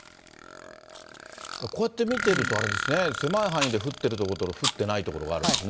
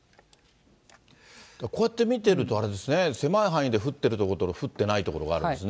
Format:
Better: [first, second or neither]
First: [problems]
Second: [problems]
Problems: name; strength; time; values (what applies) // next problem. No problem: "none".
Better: second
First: background sound (Chewing, mastication + Burping, eructation); 4 dB below the speech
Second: none